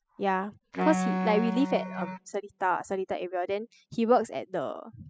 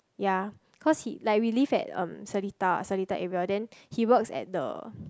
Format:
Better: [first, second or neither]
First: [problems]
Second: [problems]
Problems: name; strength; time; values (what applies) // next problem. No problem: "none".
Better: second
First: noise reduction (classical method spectral subtraction)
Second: none